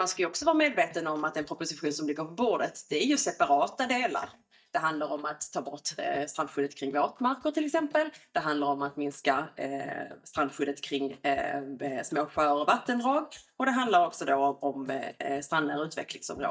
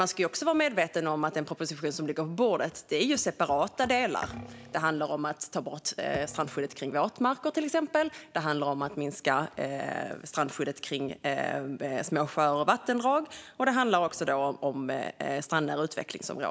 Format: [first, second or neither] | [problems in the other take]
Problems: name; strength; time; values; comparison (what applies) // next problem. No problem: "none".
second | noise reduction (neural mask model DeepFilterNet 3)